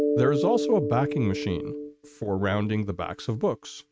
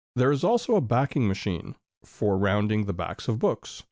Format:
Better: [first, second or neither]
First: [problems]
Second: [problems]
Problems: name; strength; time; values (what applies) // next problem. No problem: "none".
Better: second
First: noise reduction (neural mask model RNNoise)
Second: none